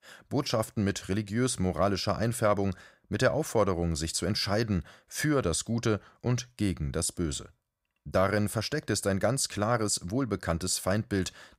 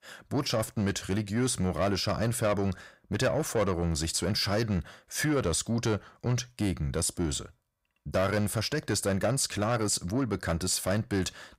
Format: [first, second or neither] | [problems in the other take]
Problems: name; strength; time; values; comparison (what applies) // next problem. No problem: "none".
first | distortion; slight; 10 dB below the speech